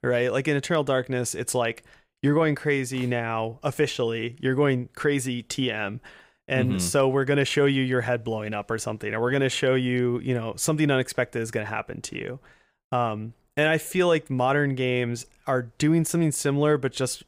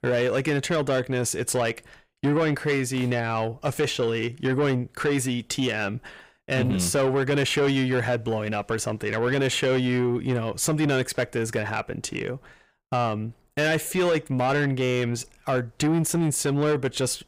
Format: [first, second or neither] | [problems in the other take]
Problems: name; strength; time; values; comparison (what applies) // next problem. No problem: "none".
first | distortion; slight; 10 dB below the speech